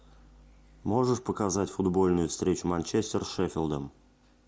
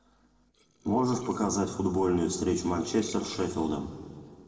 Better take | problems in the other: first | noise reduction (neural separator model SepFormer DNS4)

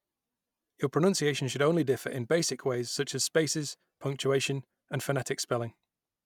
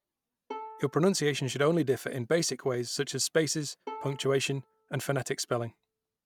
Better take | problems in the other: first | background sound (Bowed string instrument); 18 dB below the speech

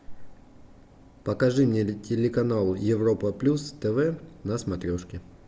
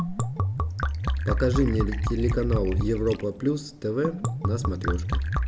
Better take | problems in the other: first | background sound (Liquid); 1 dB above the speech

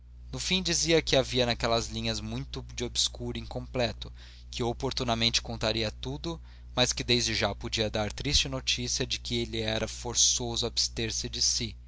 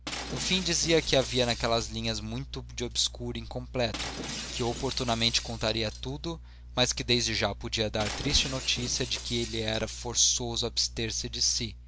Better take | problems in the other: first | background sound (Shatter); 12 dB below the speech

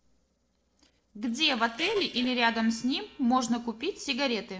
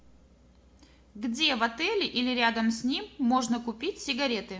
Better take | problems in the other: second | noise reduction (neural separator model SepFormer DNS4)

